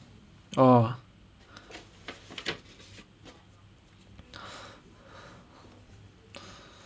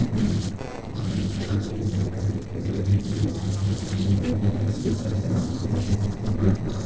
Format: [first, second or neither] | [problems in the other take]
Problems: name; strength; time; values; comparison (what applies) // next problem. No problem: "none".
first | noise reduction (neural separator model SepFormer DNS4)